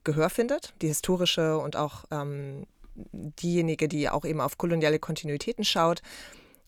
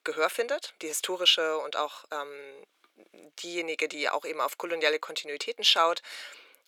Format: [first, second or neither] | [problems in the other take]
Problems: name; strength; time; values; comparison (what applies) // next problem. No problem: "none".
first | thin; very; fading below 400 Hz